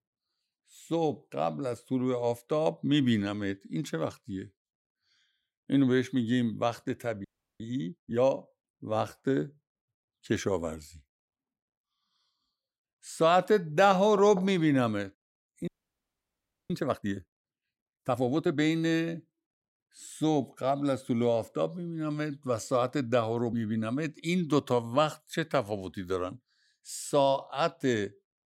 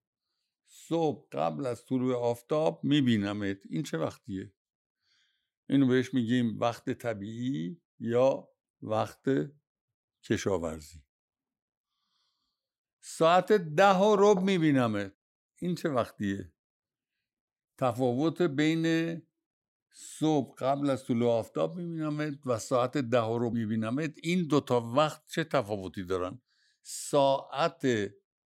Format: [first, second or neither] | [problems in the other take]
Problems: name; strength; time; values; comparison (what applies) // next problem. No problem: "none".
second | audio freezing; at 7 s and at 16 s for 1 s